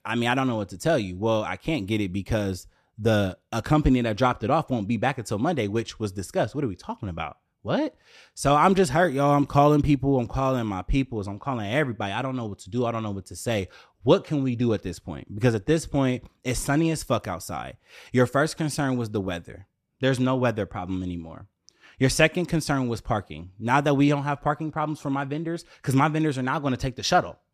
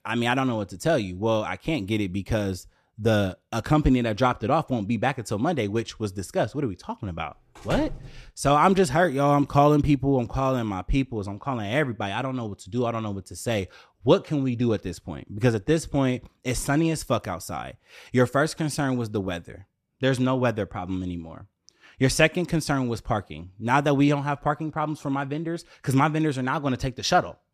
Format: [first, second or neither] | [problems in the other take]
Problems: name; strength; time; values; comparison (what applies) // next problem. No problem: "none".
first | door banging; noticeable; at 7.5 s; peak 10 dB below the speech